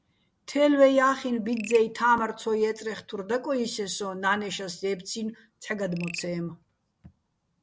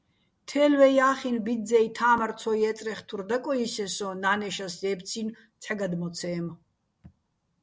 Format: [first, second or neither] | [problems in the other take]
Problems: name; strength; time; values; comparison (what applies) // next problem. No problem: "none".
second | background sound (Frog); 20 dB below the speech